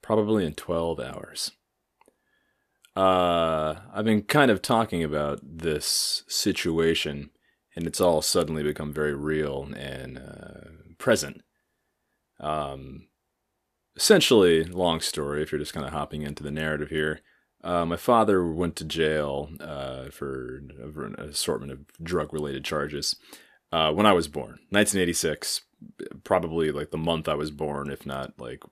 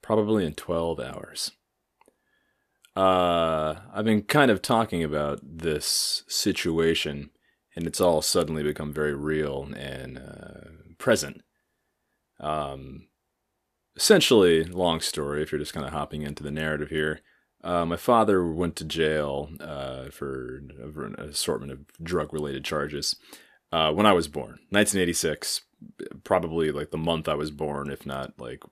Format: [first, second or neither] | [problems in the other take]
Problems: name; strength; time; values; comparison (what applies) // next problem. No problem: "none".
neither | none